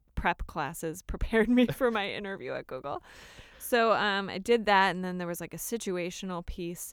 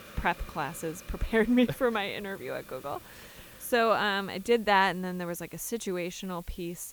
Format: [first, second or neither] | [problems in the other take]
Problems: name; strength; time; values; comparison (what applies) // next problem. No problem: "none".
first | hiss; faint; throughout; 20 dB below the speech